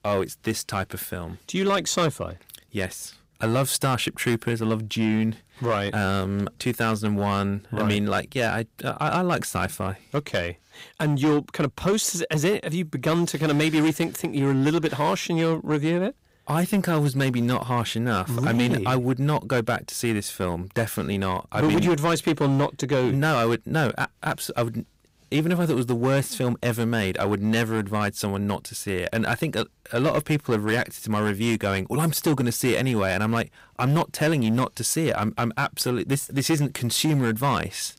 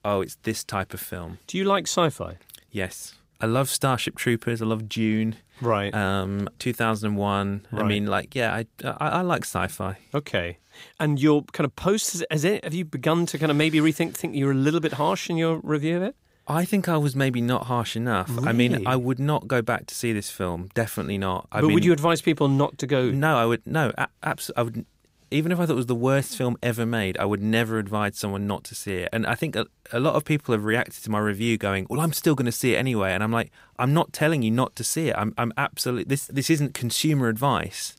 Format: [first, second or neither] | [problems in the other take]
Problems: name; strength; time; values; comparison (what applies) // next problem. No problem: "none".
second | distortion; slight; 7% of the sound clipped